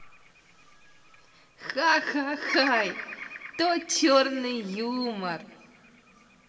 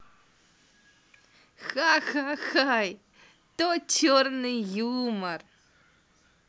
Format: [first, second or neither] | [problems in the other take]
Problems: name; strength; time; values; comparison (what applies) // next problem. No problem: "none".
second | background sound (Bird vocalization, bird call, bird song); 13 dB below the speech // room echo; dies away in 1.9 s